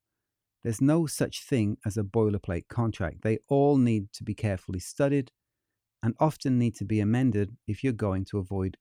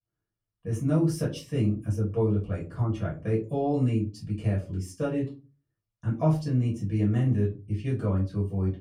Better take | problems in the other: first | off-mic speech; far // room echo; slight; dies away in 0.3 s

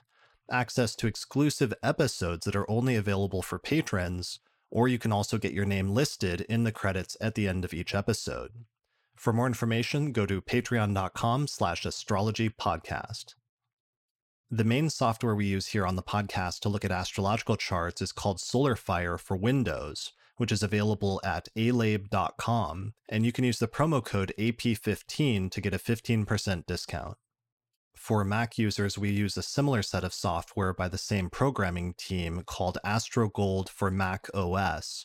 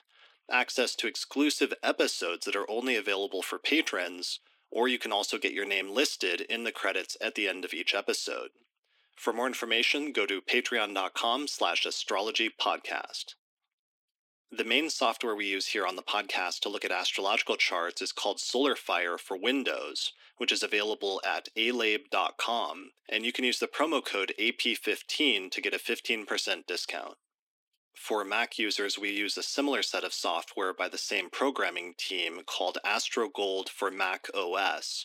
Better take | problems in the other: first | thin; somewhat; fading below 250 Hz

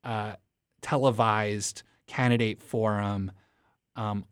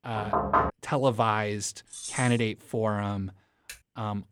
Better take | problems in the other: first | door banging; loud; at the start; peak 4 dB above the speech // jangling keys; noticeable; at 2 s; peak 6 dB below the speech // keyboard typing; faint; at 3.5 s; peak 15 dB below the speech

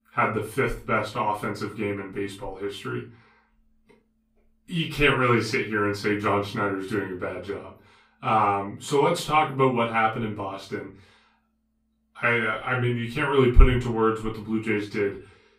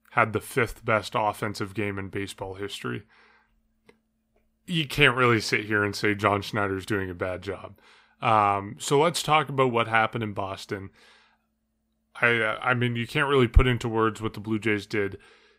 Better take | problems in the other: second | off-mic speech; far // room echo; slight; dies away in 0.3 s

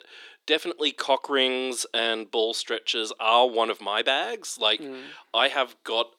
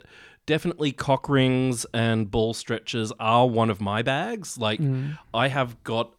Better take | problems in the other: second | thin; very; fading below 350 Hz

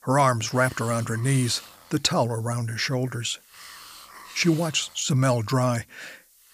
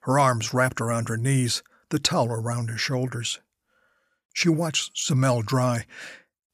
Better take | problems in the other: second | hiss; faint; throughout; 20 dB below the speech

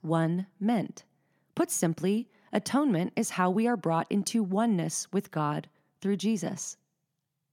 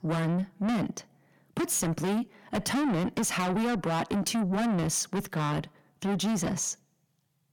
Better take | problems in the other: first | distortion; heavy; 5 dB below the speech

